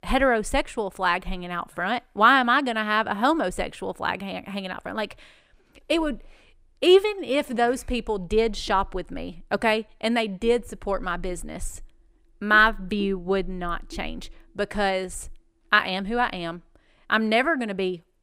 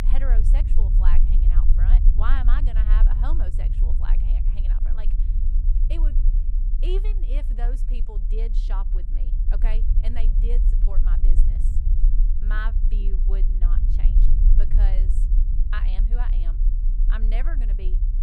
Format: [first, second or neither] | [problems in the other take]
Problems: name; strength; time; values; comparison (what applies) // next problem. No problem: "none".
first | low rumble; loud; throughout; 6 dB below the speech